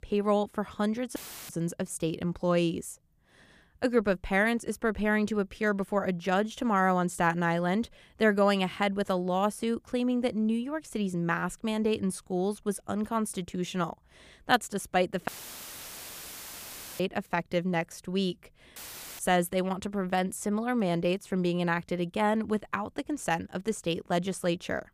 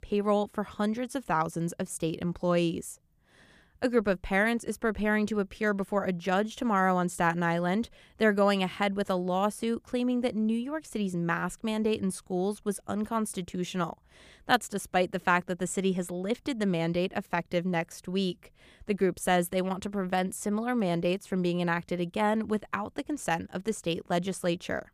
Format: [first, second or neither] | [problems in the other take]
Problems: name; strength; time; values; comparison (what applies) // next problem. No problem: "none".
second | audio cutting out; filled with static; at 1 s, at 15 s for 1.5 s and at 19 s